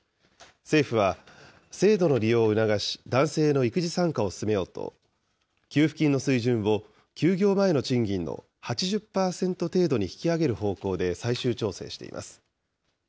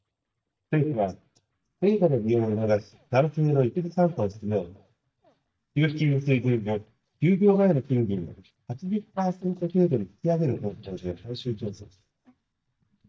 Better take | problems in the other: first | noise reduction (neural mask model DeepFilterNet 3)

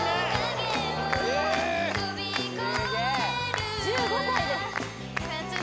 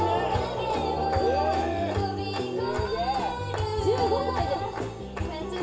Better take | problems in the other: first | room echo; dies away in 0.2 s

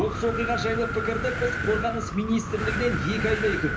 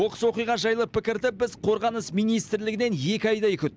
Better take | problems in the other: second | background sound (Wind); 3 dB below the speech // room echo; dies away in 0.3 s

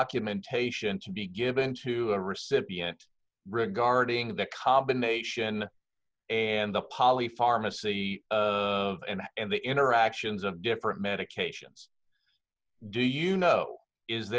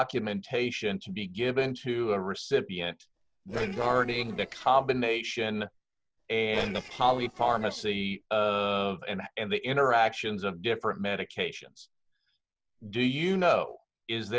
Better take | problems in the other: first | noise reduction (neural separator model SepFormer DNS4)

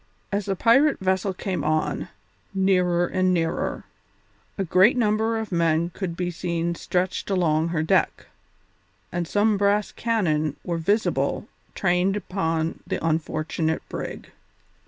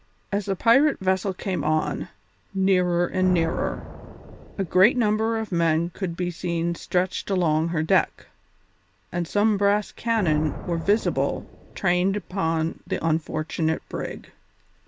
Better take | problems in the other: first | background sound (Thunder); 16 dB below the speech

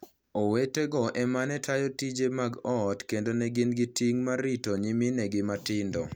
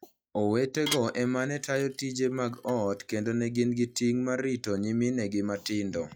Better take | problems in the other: first | noise reduction (classical method log-MMSE)

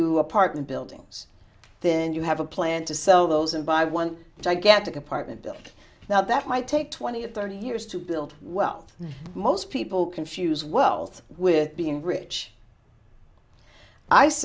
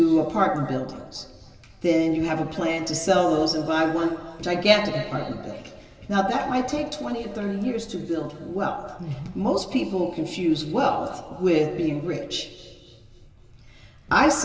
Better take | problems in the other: first | room echo; dies away in 2.3 s

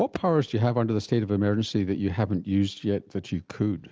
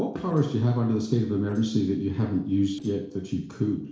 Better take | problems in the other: first | noise reduction (neural separator model SepFormer DNS4)

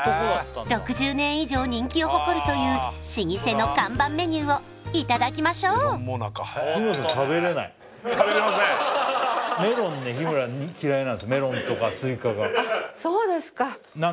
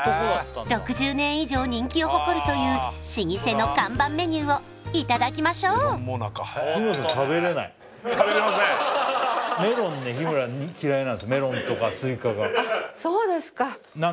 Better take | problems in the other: first | background sound (Walk, footsteps); 20 dB below the speech

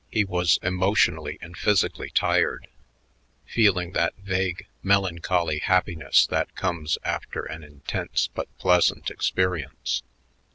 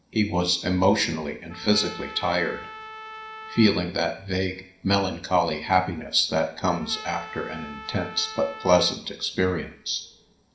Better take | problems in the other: first | background sound (Trumpet); 16 dB below the speech // room echo; dies away in 0.5 s

